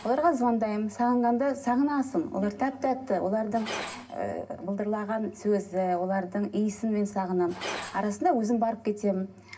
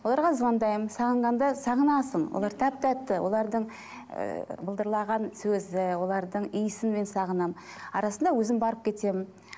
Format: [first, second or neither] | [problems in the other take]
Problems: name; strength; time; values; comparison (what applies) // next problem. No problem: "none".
second | background sound (Glass); 18 dB below the speech // room echo; dies away in 0.4 s